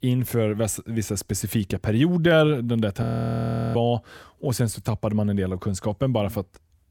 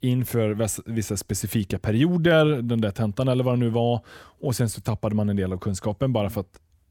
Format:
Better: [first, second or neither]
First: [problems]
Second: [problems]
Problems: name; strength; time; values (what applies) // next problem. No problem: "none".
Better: second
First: audio freezing; at 3 s for 0.5 s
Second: none